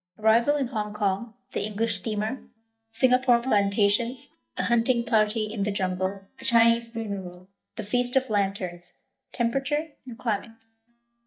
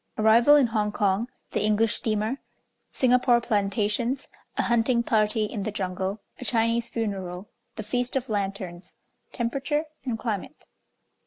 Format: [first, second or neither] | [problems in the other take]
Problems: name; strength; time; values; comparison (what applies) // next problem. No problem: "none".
second | noise reduction (neural mask model DeepFilterNet 3)